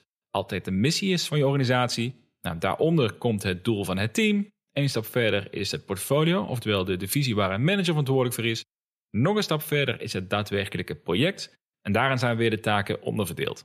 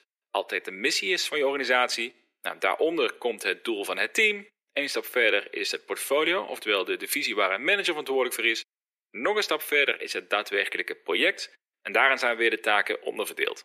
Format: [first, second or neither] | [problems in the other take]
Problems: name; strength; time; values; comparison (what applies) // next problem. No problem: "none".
first | thin; very; fading below 300 Hz